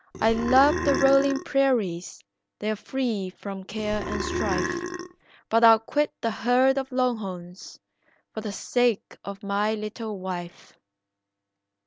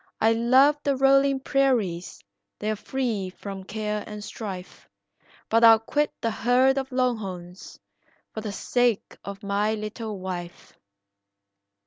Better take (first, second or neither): second